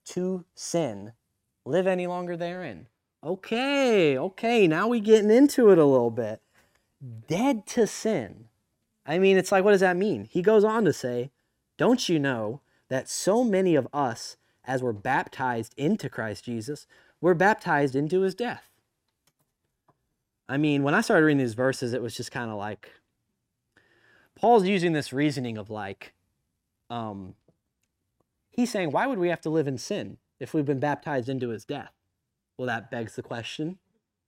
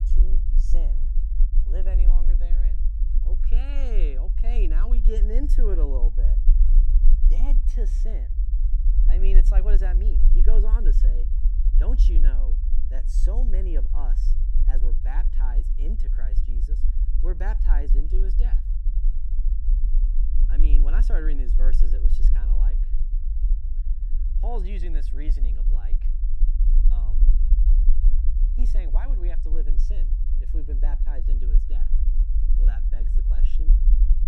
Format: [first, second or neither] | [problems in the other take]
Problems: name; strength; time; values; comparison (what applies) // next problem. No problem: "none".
first | low rumble; loud; throughout; 7 dB below the speech